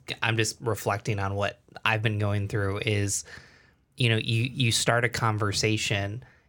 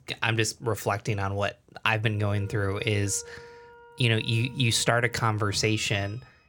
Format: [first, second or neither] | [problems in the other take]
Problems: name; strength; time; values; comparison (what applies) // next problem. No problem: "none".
first | background music; faint; from 2 s on; 25 dB below the speech